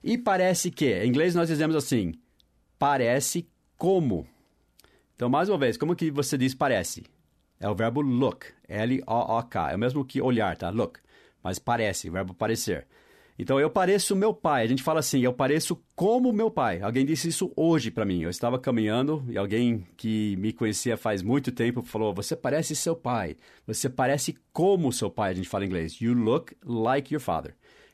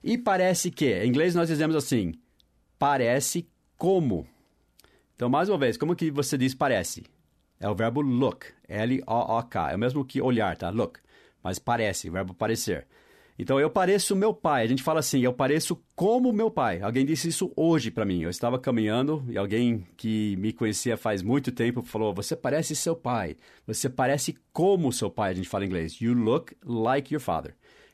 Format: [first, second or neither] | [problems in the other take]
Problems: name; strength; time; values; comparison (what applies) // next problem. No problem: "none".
neither | none